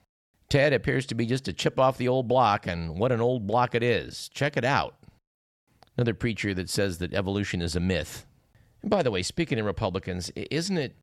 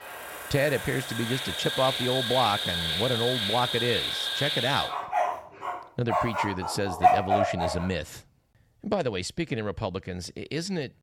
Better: first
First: none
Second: animal sounds; very loud; until 7.5 s; 1 dB above the speech

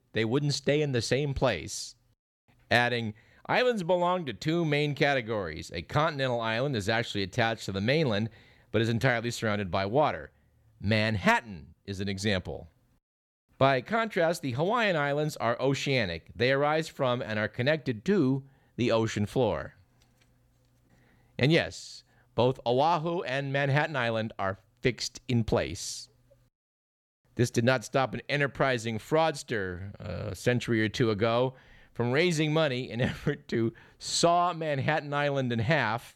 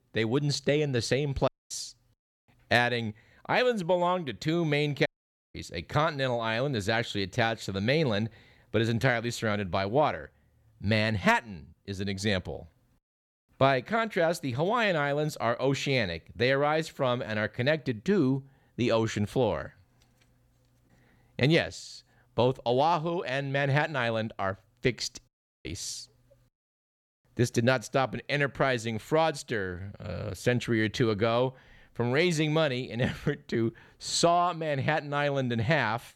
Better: first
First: none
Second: audio cutting out; at 1.5 s, at 5 s and at 25 s

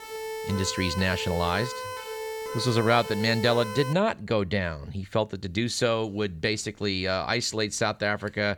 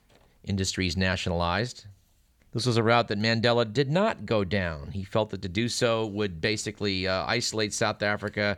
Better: second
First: siren; noticeable; until 4 s; peak 7 dB below the speech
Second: none

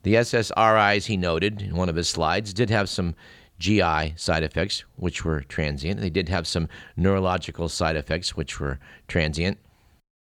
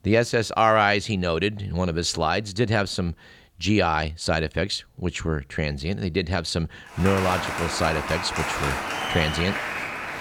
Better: first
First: none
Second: crowd noise; loud; from 7 s on; 3 dB below the speech

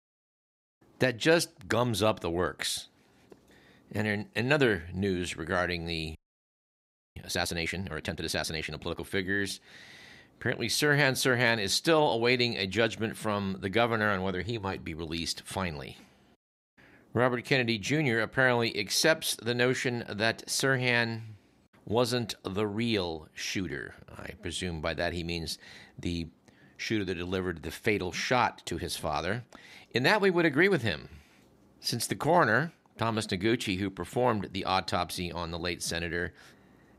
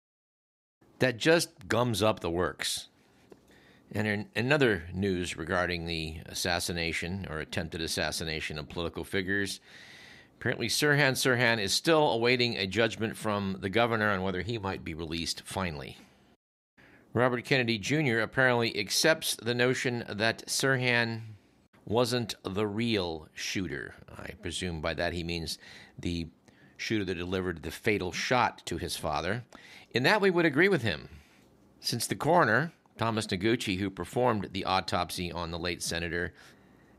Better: second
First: audio freezing; at 6 s for 1 s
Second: none

